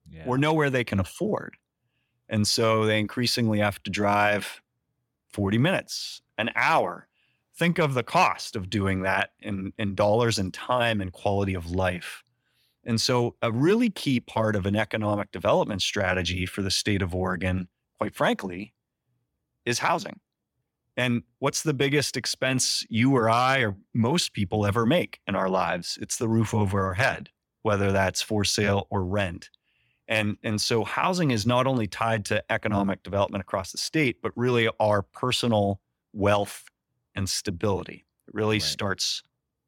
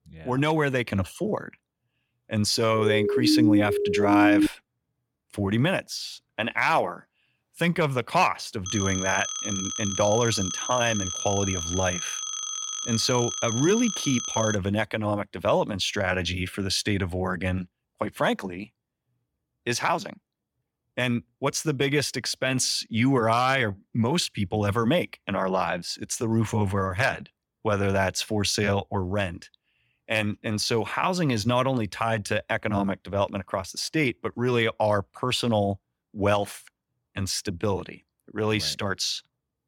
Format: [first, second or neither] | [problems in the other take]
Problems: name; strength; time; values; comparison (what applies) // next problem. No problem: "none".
first | siren; loud; from 3 to 4.5 s; peak 6 dB above the speech // phone ringing; noticeable; from 8.5 to 15 s; peak 3 dB below the speech